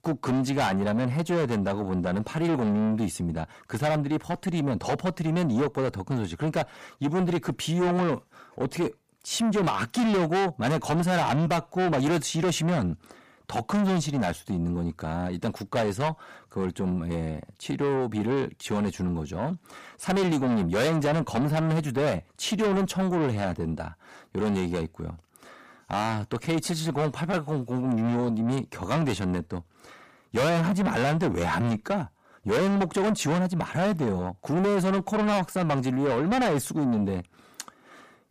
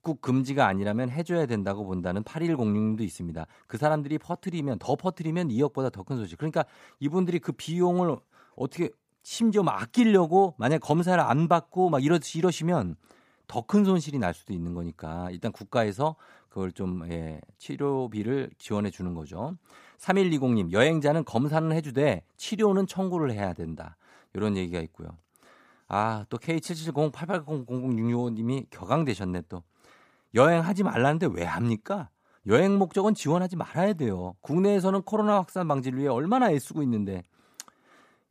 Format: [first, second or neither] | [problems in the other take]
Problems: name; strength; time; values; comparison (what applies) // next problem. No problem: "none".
second | distortion; heavy; 6 dB below the speech